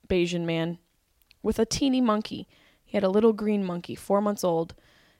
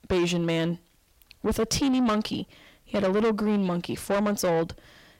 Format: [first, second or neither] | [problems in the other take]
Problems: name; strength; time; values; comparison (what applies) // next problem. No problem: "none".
first | distortion; heavy; 7 dB below the speech